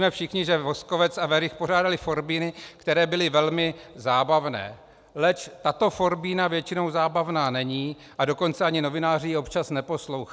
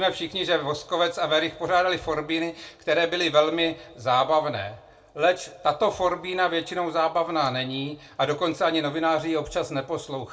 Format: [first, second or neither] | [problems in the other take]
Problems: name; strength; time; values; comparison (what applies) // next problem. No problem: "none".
first | room echo; dies away in 0.2 s